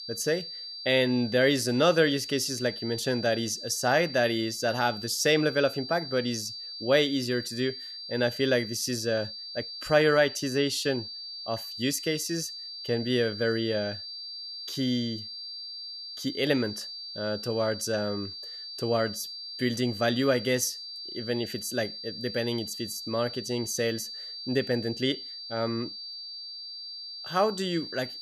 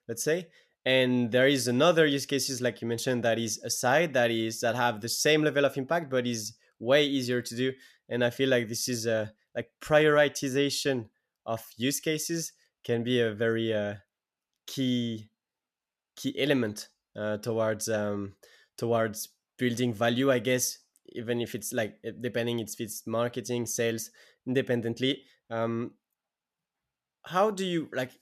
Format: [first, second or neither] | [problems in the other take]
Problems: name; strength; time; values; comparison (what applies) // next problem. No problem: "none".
second | high-pitched whine; loud; throughout; 4.5 kHz, 9 dB below the speech